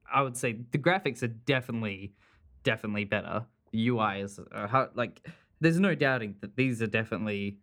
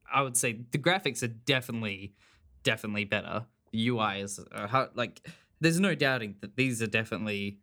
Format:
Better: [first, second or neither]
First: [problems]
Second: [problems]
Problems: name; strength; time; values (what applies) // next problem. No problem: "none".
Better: second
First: muffled; slightly; fading above 3 kHz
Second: none